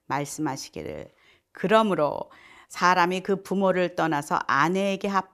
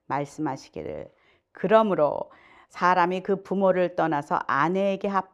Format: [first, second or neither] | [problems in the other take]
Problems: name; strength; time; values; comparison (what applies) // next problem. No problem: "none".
first | muffled; slightly; fading above 2 kHz